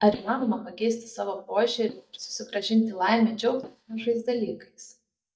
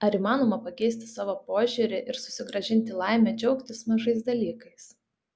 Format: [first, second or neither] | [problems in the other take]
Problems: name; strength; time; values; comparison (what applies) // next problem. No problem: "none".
second | noise reduction (neural mask model DeepFilterNet 3)